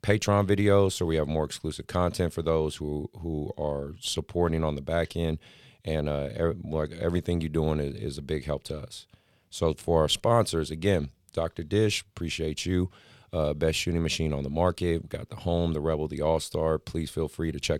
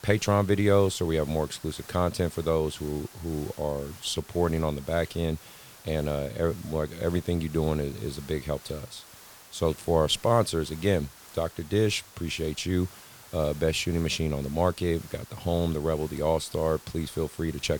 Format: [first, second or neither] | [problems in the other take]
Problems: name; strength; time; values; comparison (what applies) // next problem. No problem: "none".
first | hiss; noticeable; throughout; 20 dB below the speech